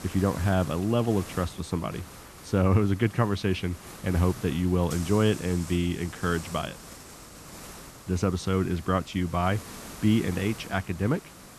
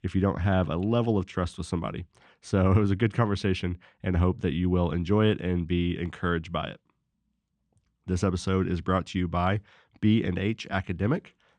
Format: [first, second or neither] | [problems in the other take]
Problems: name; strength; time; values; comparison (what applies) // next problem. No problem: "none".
second | hiss; noticeable; throughout; 15 dB below the speech